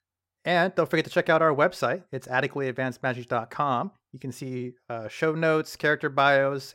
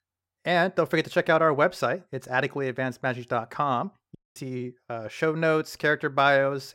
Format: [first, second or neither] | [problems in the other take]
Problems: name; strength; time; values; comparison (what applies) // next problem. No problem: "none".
first | audio cutting out; at 4 s